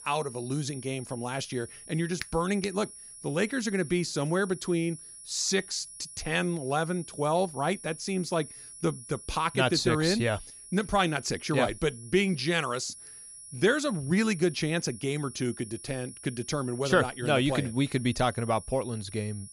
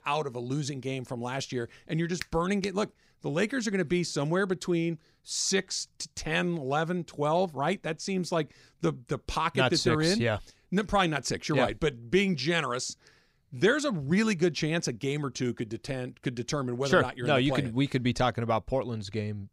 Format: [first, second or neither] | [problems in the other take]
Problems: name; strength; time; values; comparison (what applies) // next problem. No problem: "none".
second | high-pitched whine; noticeable; throughout; 10 kHz, 15 dB below the speech